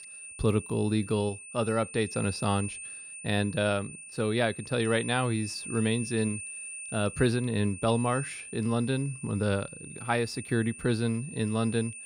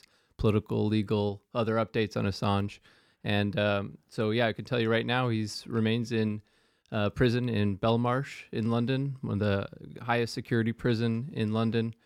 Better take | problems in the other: second | high-pitched whine; noticeable; throughout; 2.5 kHz, 10 dB below the speech

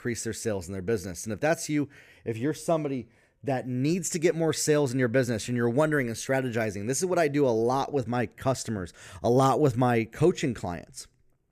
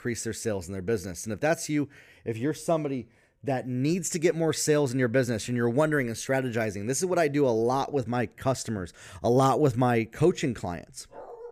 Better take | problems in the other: first | dog barking; faint; at 11 s; peak 15 dB below the speech

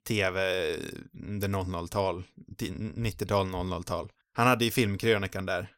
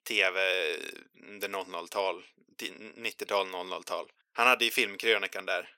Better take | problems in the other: first | thin; very; fading below 400 Hz

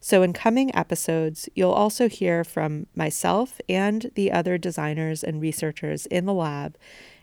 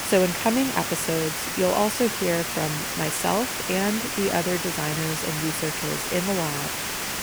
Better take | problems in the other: first | hiss; loud; throughout; 1 dB below the speech

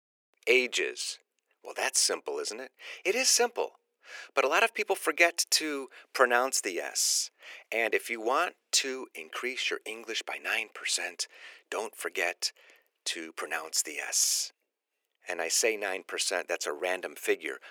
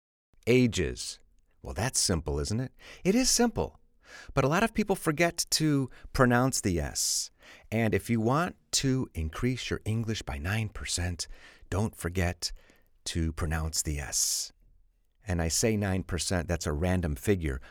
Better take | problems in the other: second | thin; very; fading below 400 Hz

